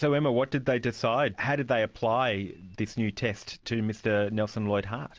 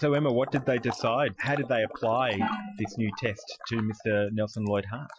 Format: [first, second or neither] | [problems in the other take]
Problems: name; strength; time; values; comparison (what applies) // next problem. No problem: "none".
first | noise reduction (classical method Wiener filter)